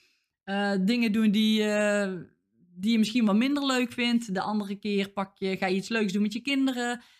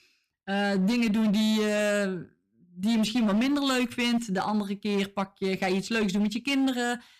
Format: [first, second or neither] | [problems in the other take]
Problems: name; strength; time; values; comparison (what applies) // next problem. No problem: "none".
first | distortion; slight; 16% of the sound clipped